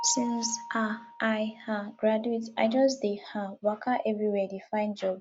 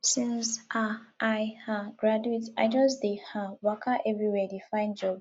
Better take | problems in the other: second | background sound (Mallet percussion); 16 dB below the speech

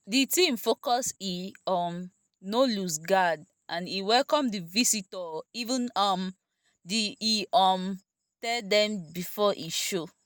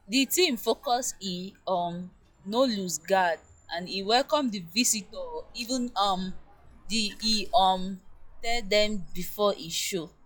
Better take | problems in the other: first | noise reduction (classical method log-MMSE)

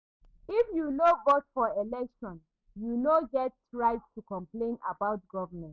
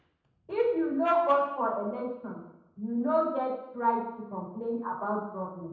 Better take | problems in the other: first | room echo; dies away in 0.9 s

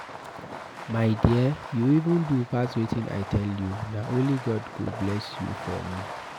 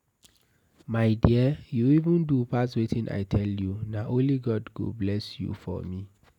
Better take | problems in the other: second | background sound (Fireworks); 12 dB below the speech

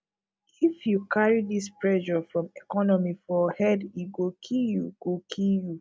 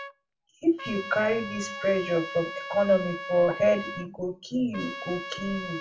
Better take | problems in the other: first | background sound (Trumpet); 11 dB below the speech // room echo; dies away in 0.2 s

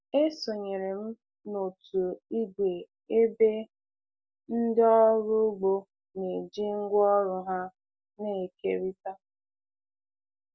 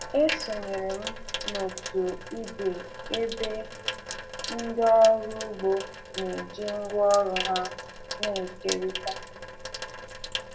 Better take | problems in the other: first | background sound (Sink (filling or washing) / Water tap, faucet); 8 dB below the speech // room echo; dies away in 0.6 s

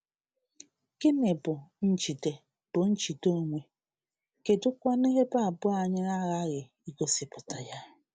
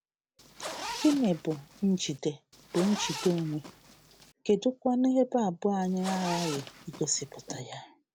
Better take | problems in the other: first | background sound (Zipper (clothing)); 11 dB below the speech

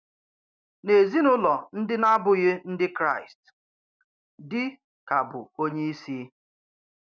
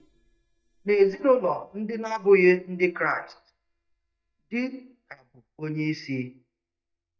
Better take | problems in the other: first | noise reduction (neural mask model DeepFilterNet 3)

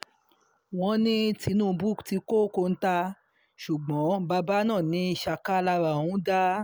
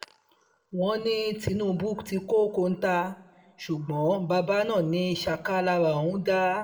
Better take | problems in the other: first | room echo; dies away in 0.5 s

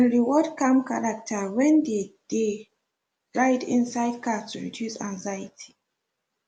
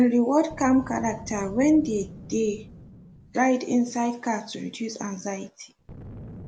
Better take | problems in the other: first | background sound (Boom); 18 dB below the speech

